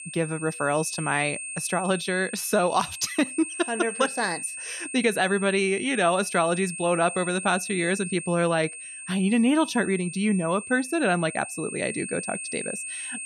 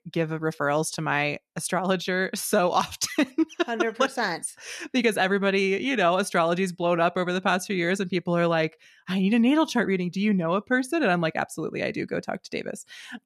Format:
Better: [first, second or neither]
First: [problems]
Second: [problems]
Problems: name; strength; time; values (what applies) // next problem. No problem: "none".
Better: second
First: high-pitched whine; loud; throughout; 8.5 kHz, 8 dB below the speech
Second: none